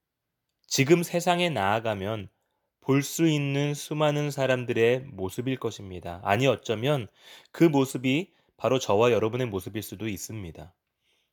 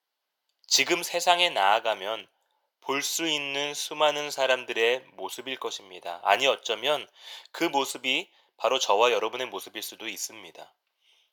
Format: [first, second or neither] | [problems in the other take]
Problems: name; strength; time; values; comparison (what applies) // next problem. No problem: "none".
first | thin; very; fading below 650 Hz